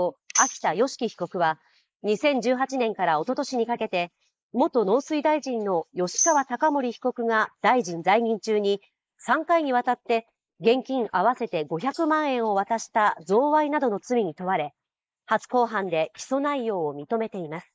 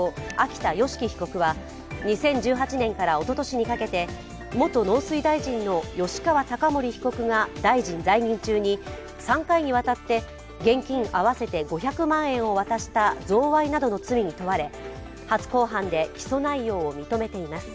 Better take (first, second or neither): second